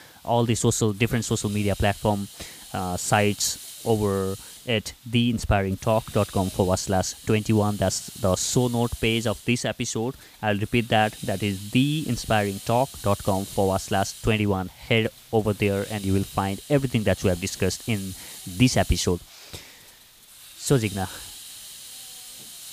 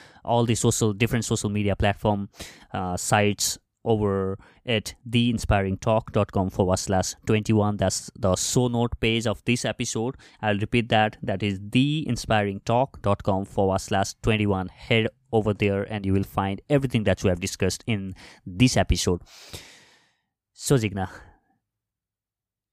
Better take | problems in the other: second | hiss; noticeable; throughout; 15 dB below the speech

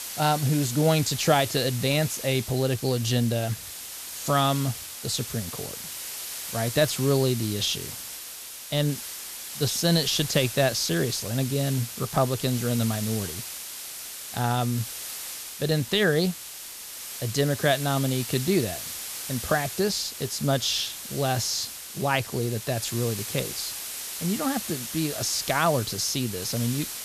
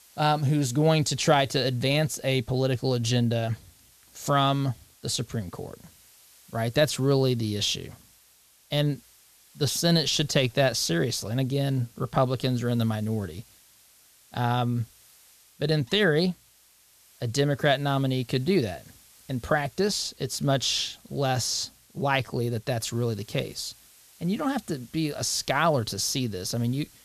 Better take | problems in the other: second | hiss; loud; throughout; 8 dB below the speech; faint in the second

